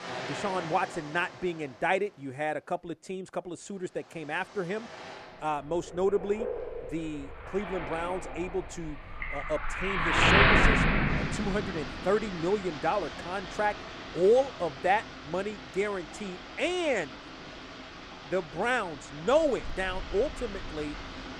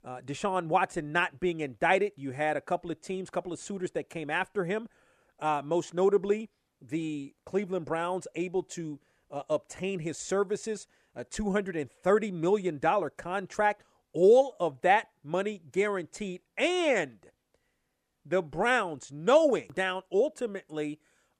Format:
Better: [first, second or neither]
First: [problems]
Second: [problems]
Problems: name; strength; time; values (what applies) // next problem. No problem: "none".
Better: second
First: rain or running water; very loud; throughout; as loud as the speech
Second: none